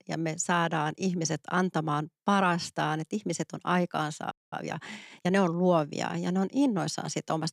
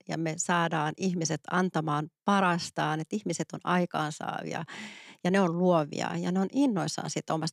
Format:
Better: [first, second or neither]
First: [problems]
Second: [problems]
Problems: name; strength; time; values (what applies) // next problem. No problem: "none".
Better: second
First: audio freezing; at 4.5 s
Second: none